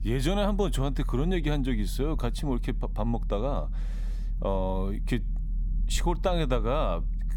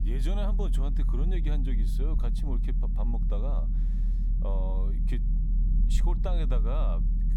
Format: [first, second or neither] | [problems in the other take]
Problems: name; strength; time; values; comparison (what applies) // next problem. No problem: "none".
first | low rumble; loud; throughout; 7 dB below the speech; faint in the first